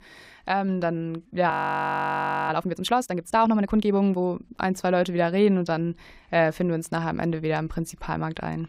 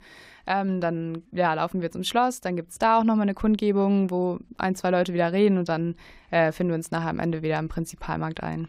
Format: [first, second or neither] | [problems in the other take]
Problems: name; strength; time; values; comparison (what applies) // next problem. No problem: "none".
second | audio freezing; at 1.5 s for 1 s